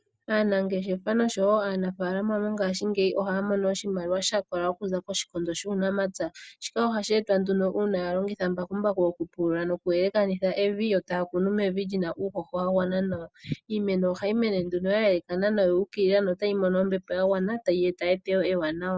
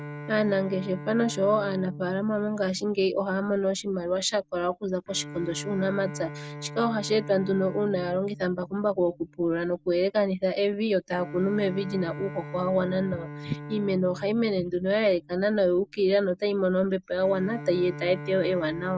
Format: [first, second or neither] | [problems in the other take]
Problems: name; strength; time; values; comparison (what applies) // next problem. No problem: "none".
first | background sound (Bowed string instrument); 14 dB below the speech